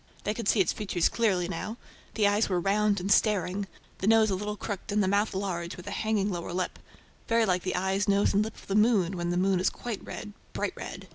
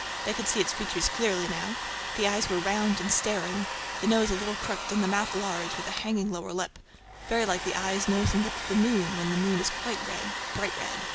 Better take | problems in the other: first | background sound (Domestic sounds, home sounds); 5 dB below the speech

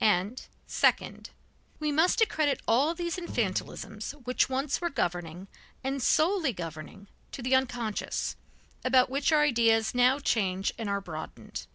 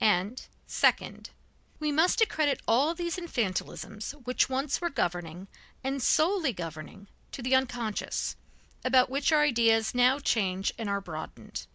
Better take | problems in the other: second | background sound (Bowed string instrument); 15 dB below the speech

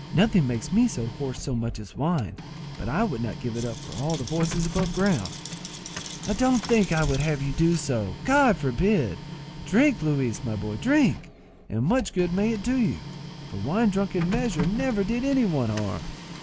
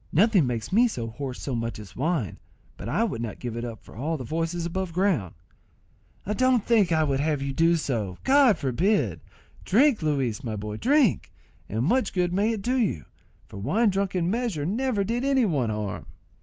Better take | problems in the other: second | background sound (Rattle + Printer); 11 dB below the speech

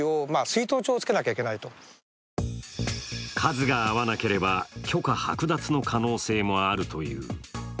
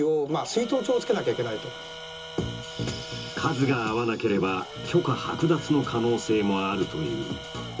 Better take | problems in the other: first | background sound (Tools); 13 dB below the speech // room echo; dies away in 0.2 s

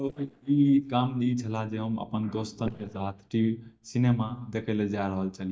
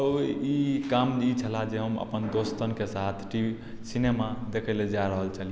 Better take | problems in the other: second | noise reduction (neural mask model DeepFilterNet 3)

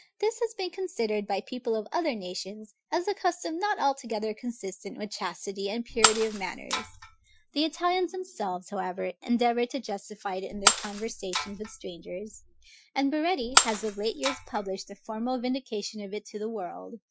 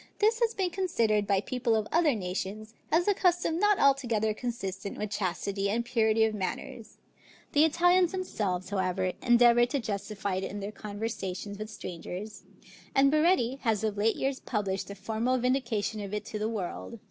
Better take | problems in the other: second | noise reduction (classical method Wiener filter)

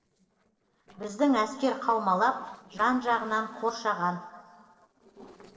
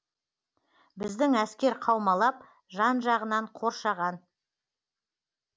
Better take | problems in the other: second | noise reduction (neural separator model SepFormer DNS4)

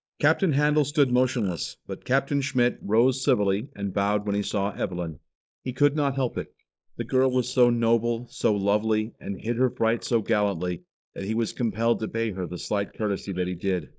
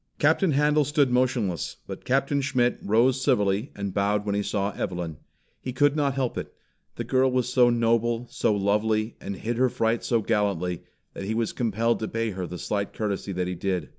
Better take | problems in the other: second | noise reduction (neural mask model Resemble Enhance denoiser)

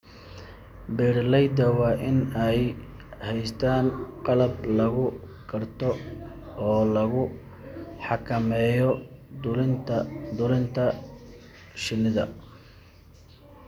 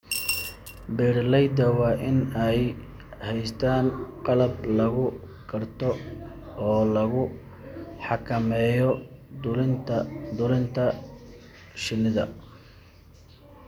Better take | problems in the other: first | background sound (Coin (dropping) / Glass); 6 dB below the speech

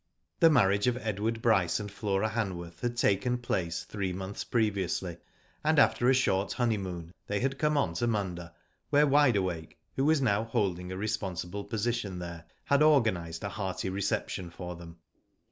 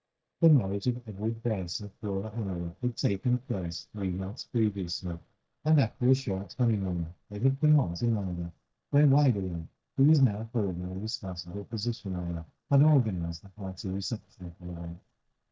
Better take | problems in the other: first | noise reduction (neural mask model DeepFilterNet 3)

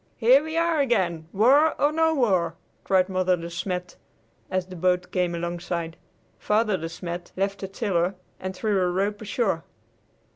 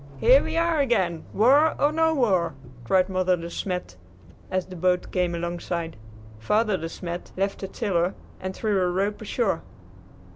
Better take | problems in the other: first | background sound (Accelerating, revving, vroom); 13 dB below the speech

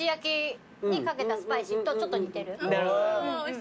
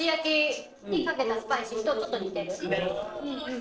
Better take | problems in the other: first | noise reduction (neural separator model SepFormer DNS4)

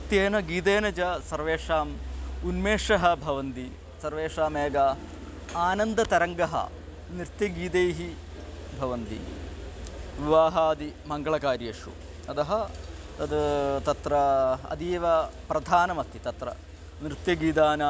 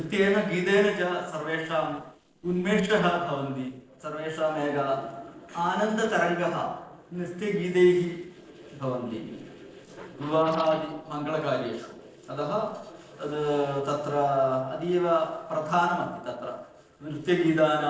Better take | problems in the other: first | noise reduction (neural separator model SepFormer DNS4)

